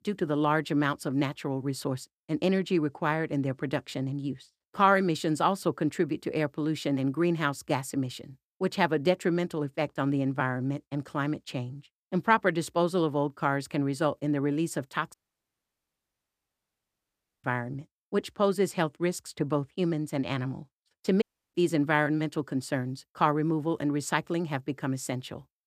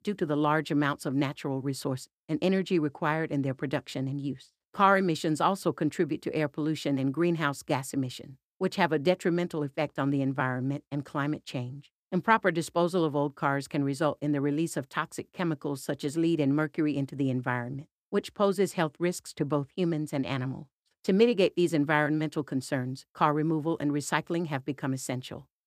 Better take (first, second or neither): second